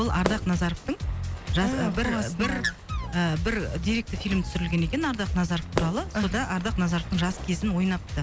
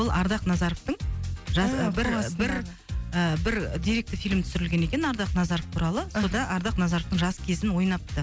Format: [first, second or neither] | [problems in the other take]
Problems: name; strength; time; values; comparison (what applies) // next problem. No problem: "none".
second | background sound (Bird + Fire / Fireworks); 12 dB below the speech